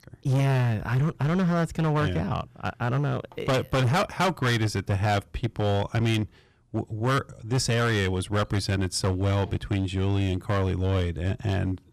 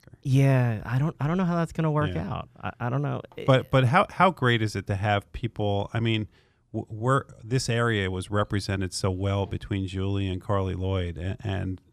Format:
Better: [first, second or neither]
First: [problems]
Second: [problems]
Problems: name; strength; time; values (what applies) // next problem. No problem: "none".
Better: second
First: distortion; heavy; 16% of the sound clipped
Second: none